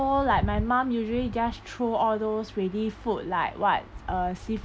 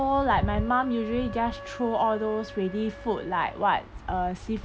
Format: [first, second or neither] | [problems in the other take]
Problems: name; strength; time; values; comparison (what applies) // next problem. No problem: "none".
first | background sound (Wind instrument, woodwind instrument); 17 dB below the speech